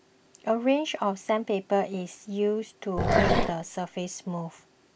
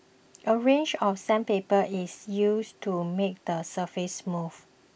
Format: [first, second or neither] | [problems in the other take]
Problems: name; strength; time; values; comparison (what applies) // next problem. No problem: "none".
second | background sound (Growling); 4 dB above the speech